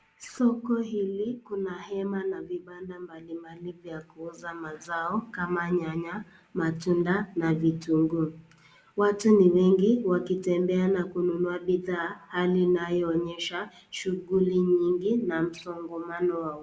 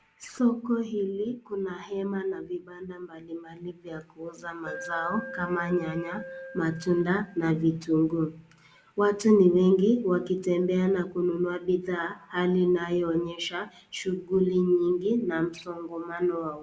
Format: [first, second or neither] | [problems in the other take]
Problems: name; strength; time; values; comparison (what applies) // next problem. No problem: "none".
first | background sound (Alarm); 14 dB below the speech